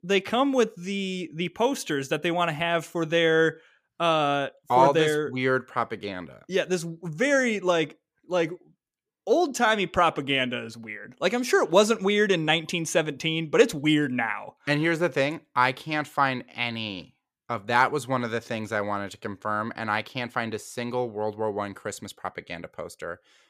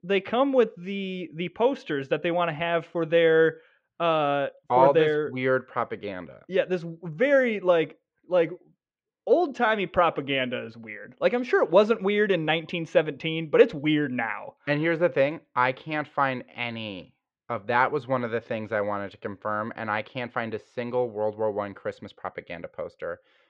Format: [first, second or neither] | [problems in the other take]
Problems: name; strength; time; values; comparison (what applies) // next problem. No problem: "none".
first | muffled; very; fading above 3 kHz